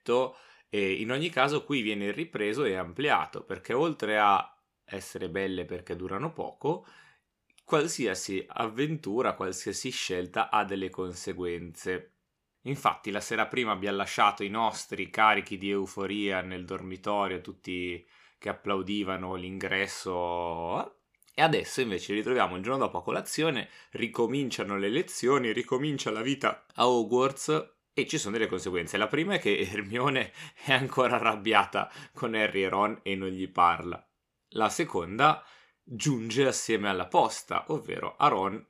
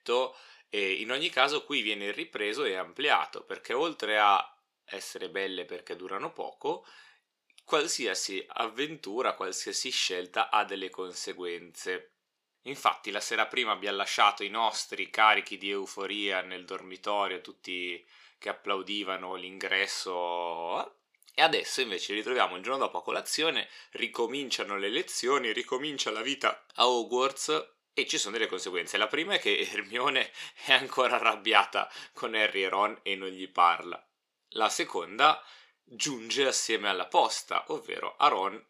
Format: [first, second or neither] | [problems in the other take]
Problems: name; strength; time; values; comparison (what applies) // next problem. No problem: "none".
first | thin; somewhat; fading below 400 Hz